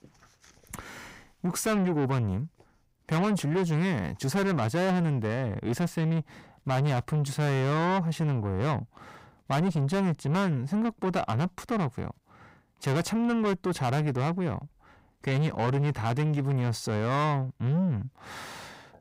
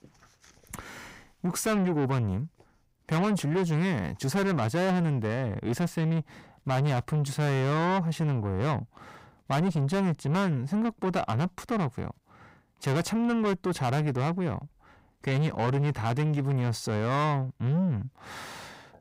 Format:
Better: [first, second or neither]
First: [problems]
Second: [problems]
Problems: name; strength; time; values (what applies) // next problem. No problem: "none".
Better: neither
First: distortion; heavy; 8 dB below the speech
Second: distortion; heavy; 8 dB below the speech